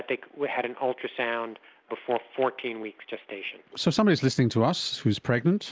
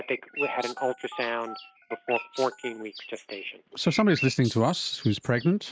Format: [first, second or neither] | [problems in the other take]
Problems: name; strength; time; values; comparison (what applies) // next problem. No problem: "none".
first | noise reduction (neural mask model RNNoise)